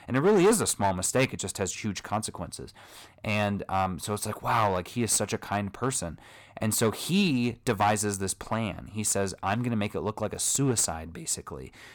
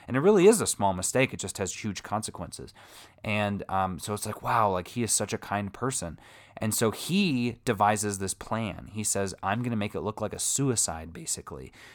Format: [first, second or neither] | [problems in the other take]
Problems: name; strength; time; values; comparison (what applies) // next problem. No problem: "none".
second | distortion; slight; 3% of the sound clipped